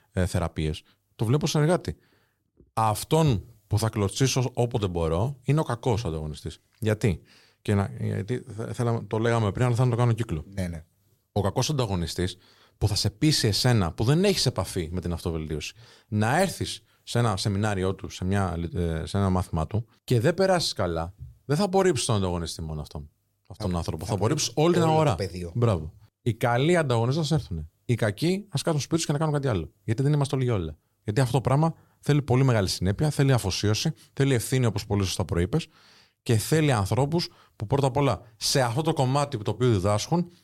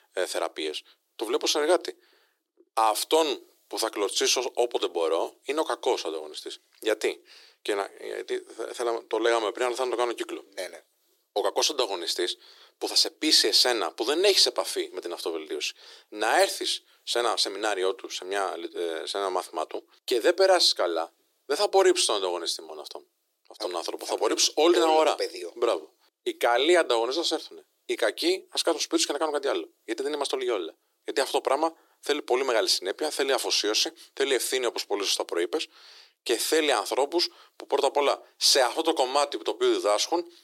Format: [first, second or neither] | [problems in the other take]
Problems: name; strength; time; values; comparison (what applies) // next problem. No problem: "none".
first | thin; very; fading below 350 Hz